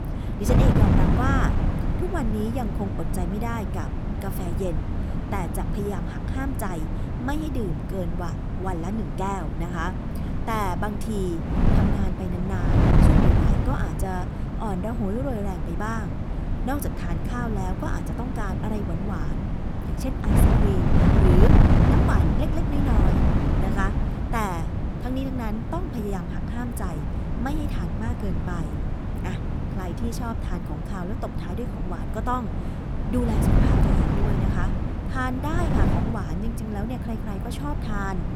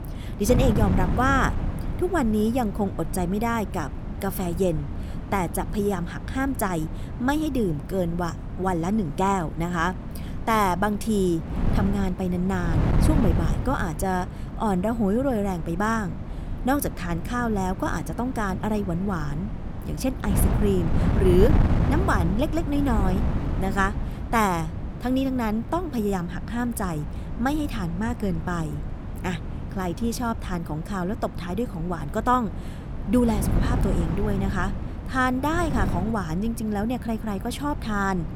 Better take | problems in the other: second | wind noise on the microphone; heavy; as loud as the speech; occasional gusts in the second

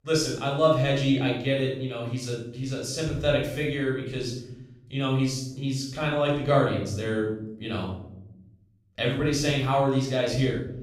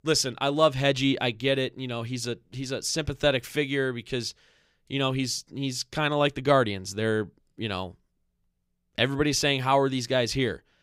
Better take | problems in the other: second | off-mic speech; far // room echo; noticeable; dies away in 1 s

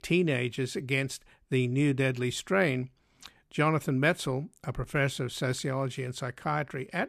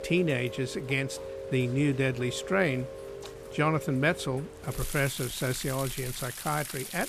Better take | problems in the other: first | rain or running water; loud; throughout; 9 dB below the speech

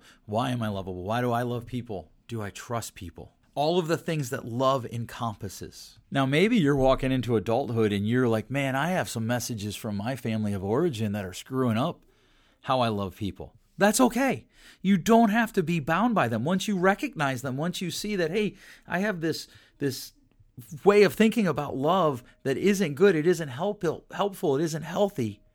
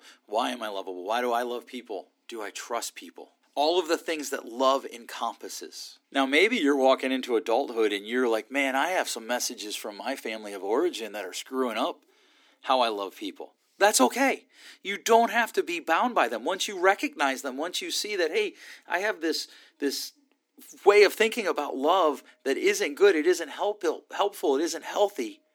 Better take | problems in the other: first | thin; somewhat; fading below 250 Hz

